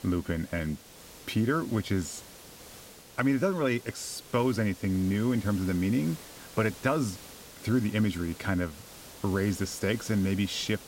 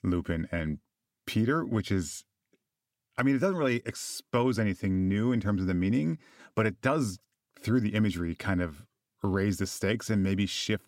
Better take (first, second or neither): second